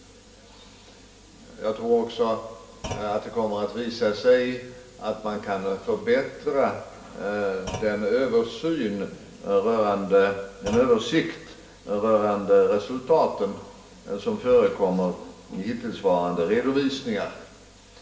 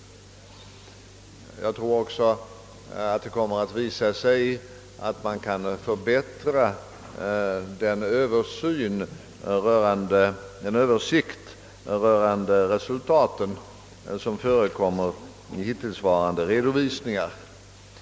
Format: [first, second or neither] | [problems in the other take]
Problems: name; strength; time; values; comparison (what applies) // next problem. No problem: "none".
second | background sound (Thump, thud); 16 dB below the speech // room echo; dies away in 0.8 s